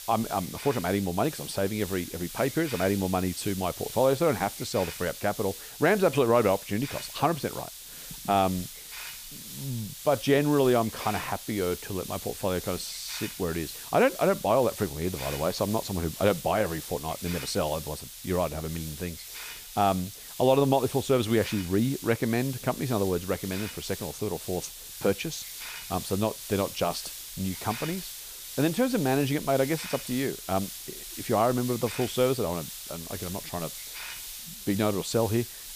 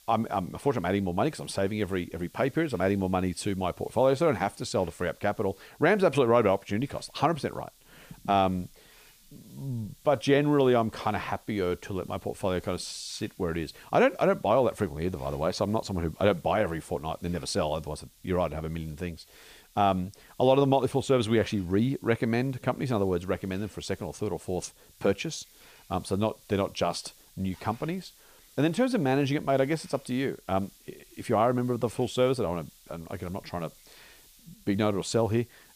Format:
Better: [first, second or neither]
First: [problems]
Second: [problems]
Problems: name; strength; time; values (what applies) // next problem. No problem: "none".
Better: second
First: hiss; loud; throughout; 10 dB below the speech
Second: hiss; faint; throughout; 25 dB below the speech